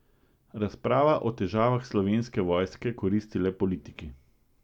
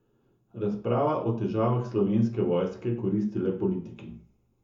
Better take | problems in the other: first | room echo; dies away in 0.6 s

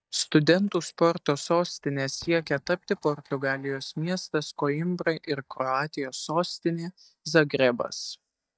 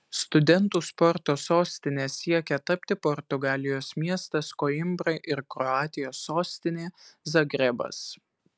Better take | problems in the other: second | noise reduction (neural mask model DeepFilterNet 3)

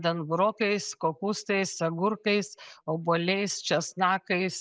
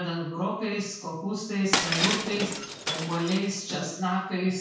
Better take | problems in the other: first | background sound (Shatter); 2 dB below the speech // room echo; dies away in 0.6 s

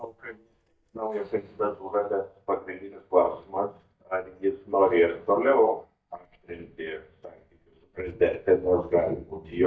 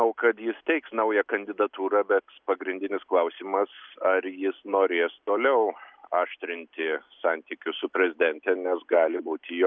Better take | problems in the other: second | noise reduction (neural mask model DeepFilterNet 3)

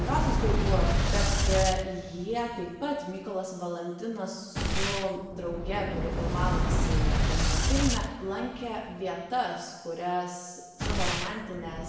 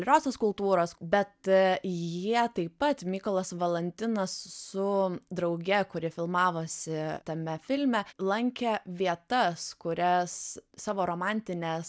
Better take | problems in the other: second | background sound (Boom); 4 dB above the speech // room echo; dies away in 1.1 s

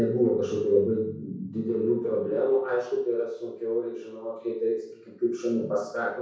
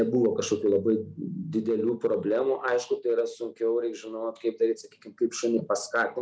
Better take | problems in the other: second | room echo; dies away in 0.6 s

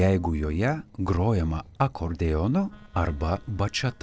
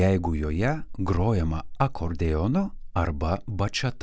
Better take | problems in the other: second | noise reduction (neural separator model SepFormer DNS4)

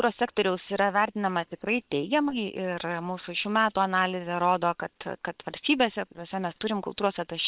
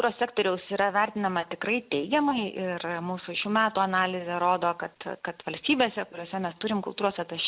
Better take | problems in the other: second | noise reduction (neural separator model SepFormer WHAM!)

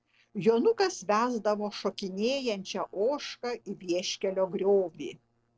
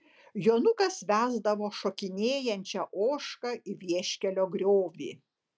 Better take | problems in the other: second | noise reduction (neural separator model SepFormer DNS4)

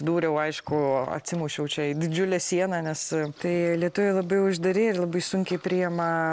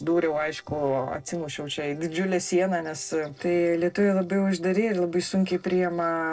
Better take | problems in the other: first | noise reduction (neural separator model SepFormer DNS4)

